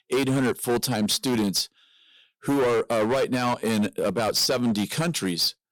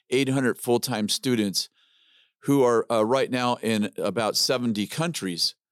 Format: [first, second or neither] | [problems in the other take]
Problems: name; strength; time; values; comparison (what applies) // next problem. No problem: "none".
second | distortion; heavy; 17% of the sound clipped